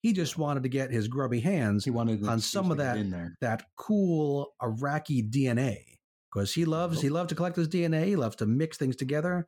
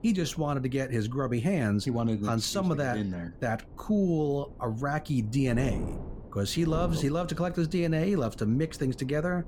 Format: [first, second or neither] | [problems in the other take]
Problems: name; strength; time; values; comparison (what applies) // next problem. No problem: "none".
first | wind noise on the microphone; occasional gusts; 15 dB below the speech